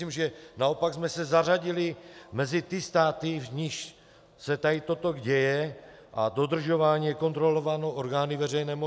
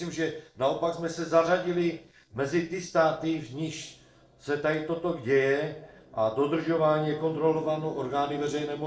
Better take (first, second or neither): first